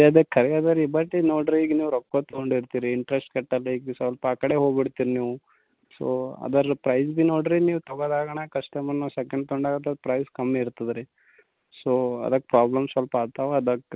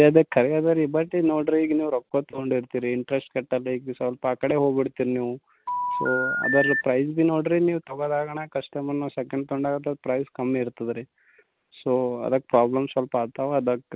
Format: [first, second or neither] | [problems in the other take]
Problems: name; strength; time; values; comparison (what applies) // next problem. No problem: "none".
first | background sound (Telephone); 2 dB below the speech